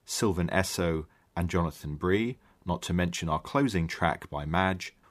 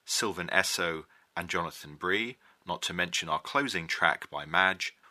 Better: first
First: none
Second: thin; somewhat; fading below 650 Hz

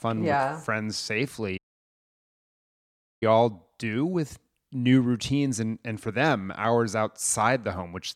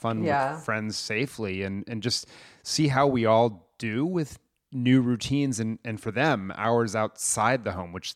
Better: second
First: audio cutting out; at 1.5 s for 1.5 s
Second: none

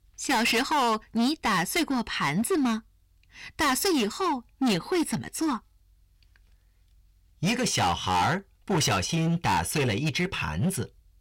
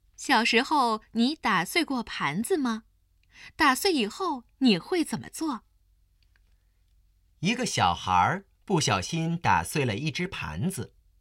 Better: second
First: distortion; heavy; 15% of the sound clipped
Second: none

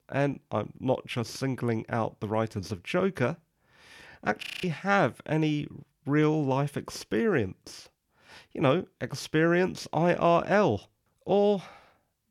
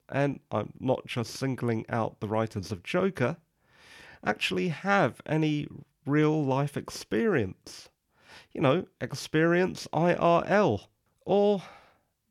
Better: second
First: audio freezing; at 4.5 s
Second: none

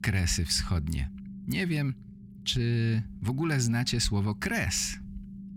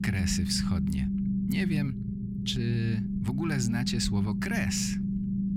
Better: first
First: low rumble; faint; throughout; 20 dB below the speech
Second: low rumble; loud; throughout; 5 dB below the speech

